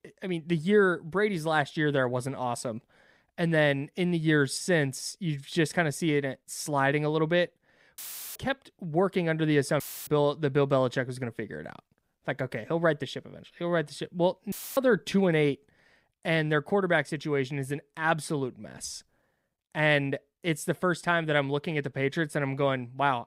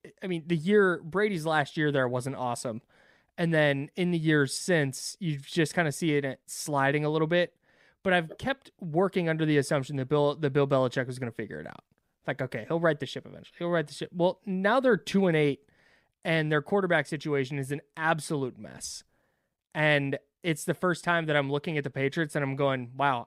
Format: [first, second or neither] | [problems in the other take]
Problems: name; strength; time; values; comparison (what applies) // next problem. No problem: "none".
second | audio cutting out; filled with static; at 8 s, at 10 s and at 15 s